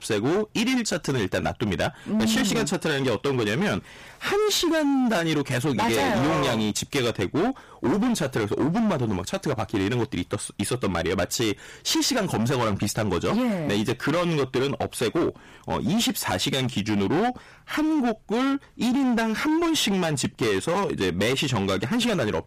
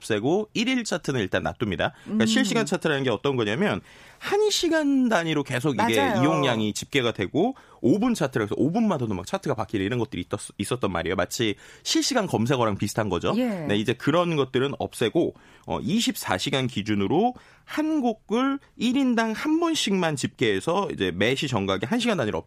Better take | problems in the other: second | distortion; heavy; 23% of the sound clipped

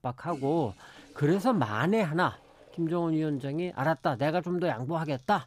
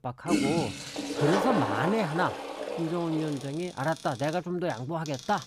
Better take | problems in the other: first | household noises; loud; throughout; 1 dB below the speech; faint in the first

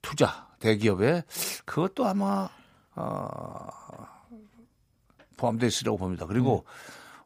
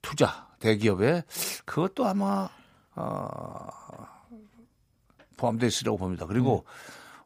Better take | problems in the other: neither | none

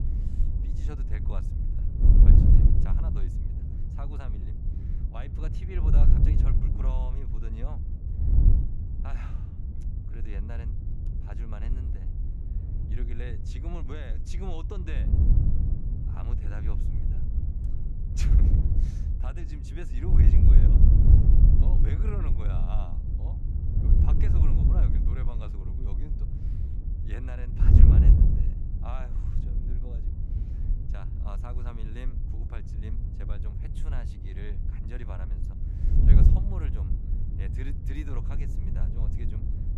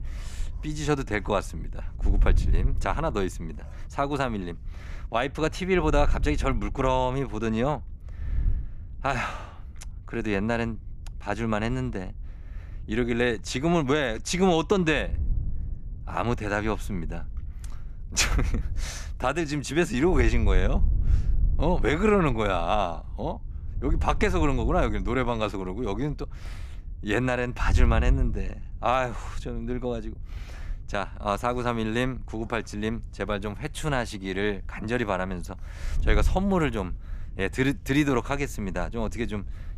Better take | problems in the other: second | wind noise on the microphone; heavy; 3 dB above the speech; occasional gusts in the second

